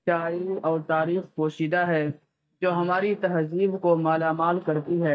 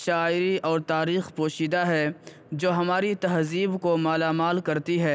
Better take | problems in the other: second | noise reduction (neural mask model DeepFilterNet 3)

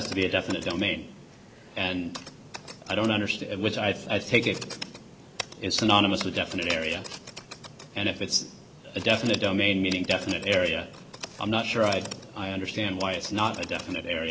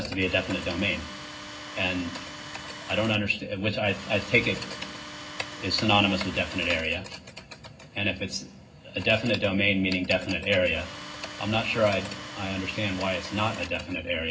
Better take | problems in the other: first | background sound (Tools); 12 dB below the speech // room echo; dies away in 0.4 s

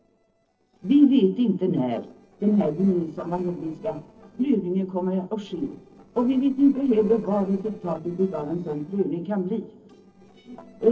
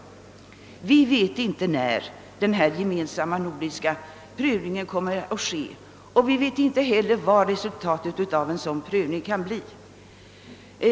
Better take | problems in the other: second | noise reduction (neural separator model SepFormer DNS4)

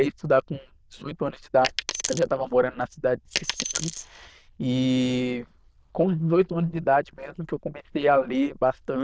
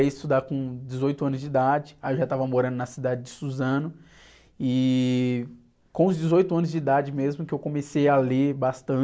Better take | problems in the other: second | noise reduction (neural diffusion model UNIVERSE++)

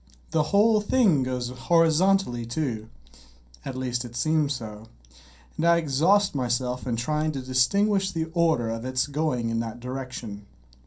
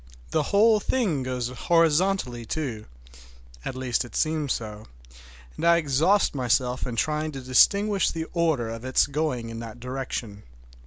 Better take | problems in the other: second | room echo; dies away in 0.3 s

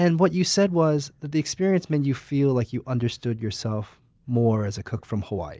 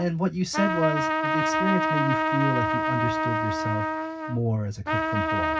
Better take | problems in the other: first | background sound (Trumpet); 2 dB above the speech // room echo; dies away in 0.4 s

